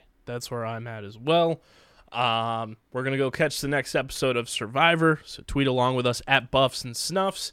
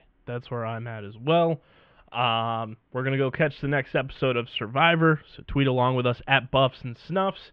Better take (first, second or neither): first